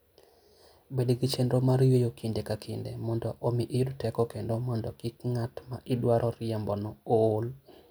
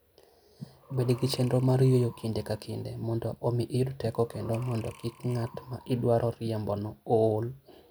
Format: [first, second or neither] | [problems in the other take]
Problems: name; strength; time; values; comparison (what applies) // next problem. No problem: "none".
first | background sound (Breathing); 20 dB below the speech